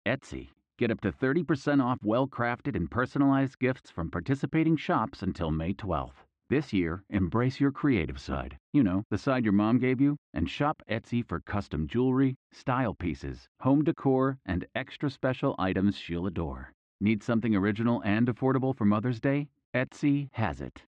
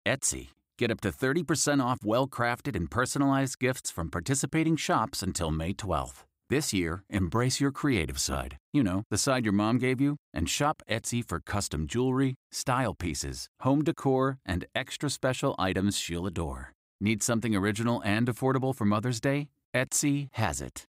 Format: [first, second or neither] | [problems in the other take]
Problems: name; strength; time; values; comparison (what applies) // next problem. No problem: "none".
second | muffled; very; fading above 3 kHz